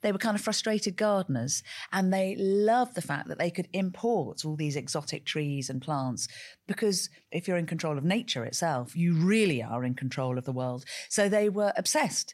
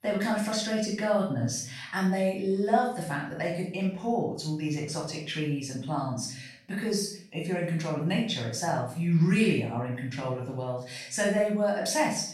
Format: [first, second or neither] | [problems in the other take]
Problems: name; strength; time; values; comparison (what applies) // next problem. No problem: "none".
first | room echo; noticeable; dies away in 0.4 s // off-mic speech; far